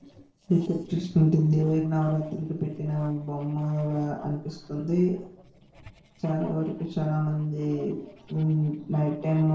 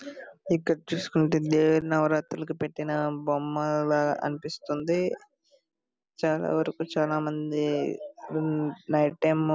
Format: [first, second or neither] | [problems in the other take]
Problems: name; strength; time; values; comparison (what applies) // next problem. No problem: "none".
second | noise reduction (neural separator model SepFormer DNS4)